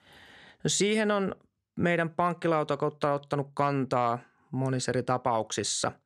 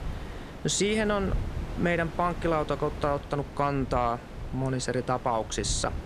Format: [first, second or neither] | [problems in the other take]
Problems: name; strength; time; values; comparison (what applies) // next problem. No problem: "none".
first | wind noise on the microphone; occasional gusts; 15 dB below the speech